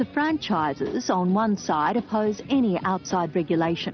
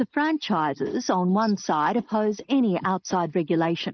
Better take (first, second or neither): first